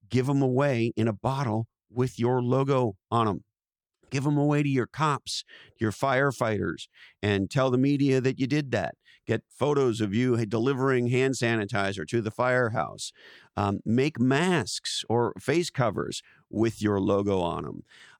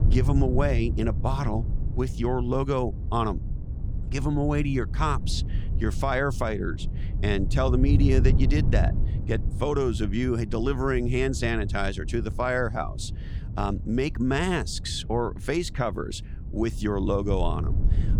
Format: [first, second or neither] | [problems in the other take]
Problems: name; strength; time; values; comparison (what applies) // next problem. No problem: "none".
first | wind noise on the microphone; occasional gusts; 15 dB below the speech